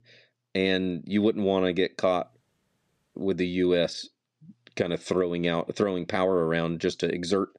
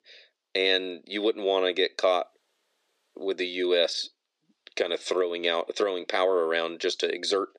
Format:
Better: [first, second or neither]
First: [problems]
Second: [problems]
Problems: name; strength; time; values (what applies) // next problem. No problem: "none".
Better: first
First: none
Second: thin; somewhat; fading below 350 Hz